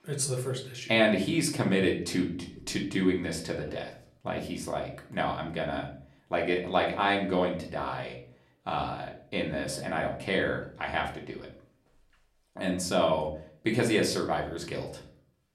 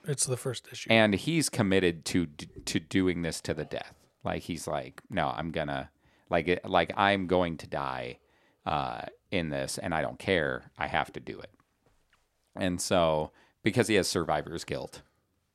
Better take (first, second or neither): second